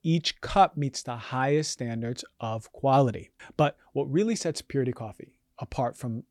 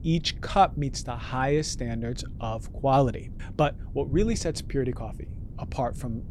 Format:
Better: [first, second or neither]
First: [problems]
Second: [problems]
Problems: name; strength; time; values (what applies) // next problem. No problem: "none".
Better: first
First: none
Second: wind noise on the microphone; occasional gusts; 25 dB below the speech